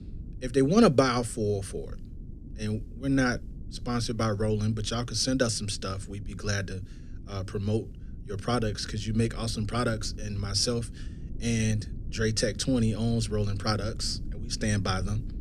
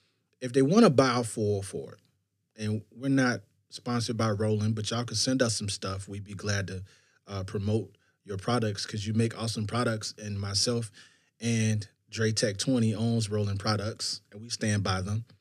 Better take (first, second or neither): second